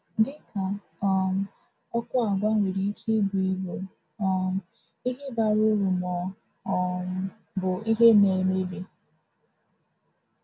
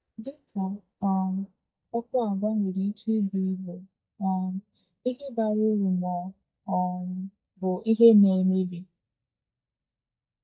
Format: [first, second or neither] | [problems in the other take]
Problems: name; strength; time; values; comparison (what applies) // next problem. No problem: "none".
first | noise reduction (neural mask model DeepFilterNet 3)